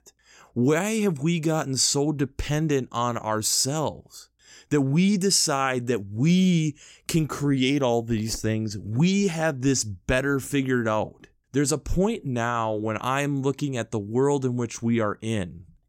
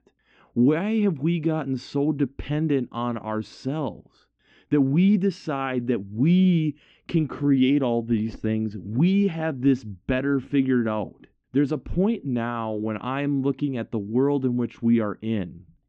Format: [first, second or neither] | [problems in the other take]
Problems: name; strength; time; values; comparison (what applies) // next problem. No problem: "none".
first | muffled; very; fading above 3 kHz